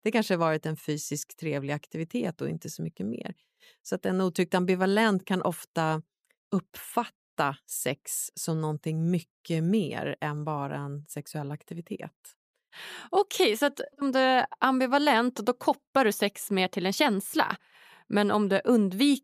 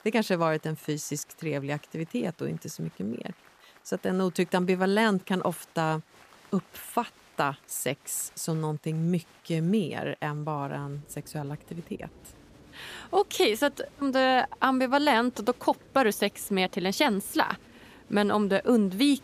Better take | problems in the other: first | crowd noise; faint; throughout; 25 dB below the speech

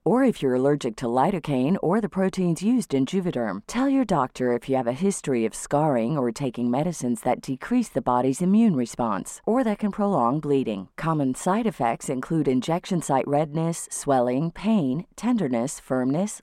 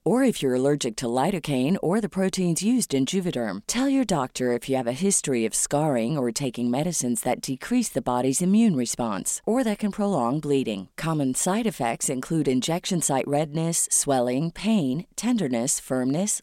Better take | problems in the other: second | muffled; slightly; fading above 3 kHz

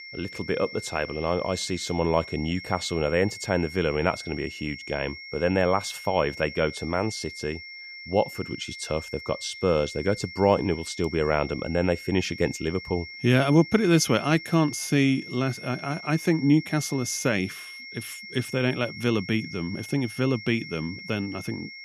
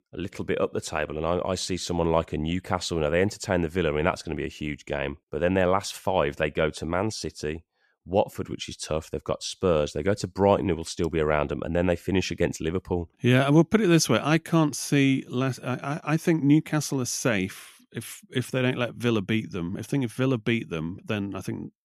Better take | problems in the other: second | high-pitched whine; noticeable; throughout; 2 kHz, 10 dB below the speech

